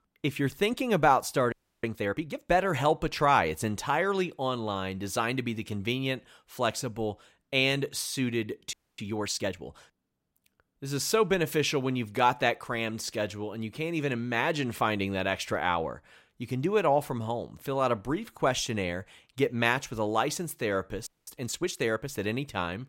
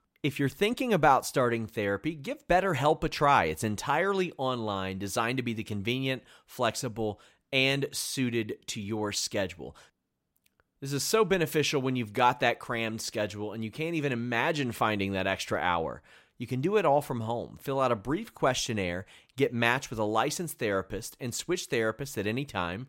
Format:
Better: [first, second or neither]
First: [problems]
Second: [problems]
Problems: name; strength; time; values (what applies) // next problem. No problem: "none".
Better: second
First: audio freezing; at 1.5 s, at 8.5 s and at 21 s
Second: none